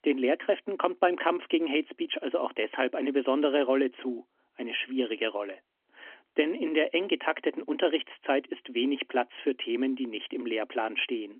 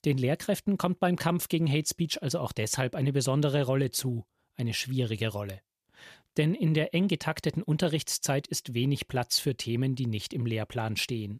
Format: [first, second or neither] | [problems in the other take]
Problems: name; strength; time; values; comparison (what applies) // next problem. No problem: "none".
second | phone-call audio; nothing above 3.5 kHz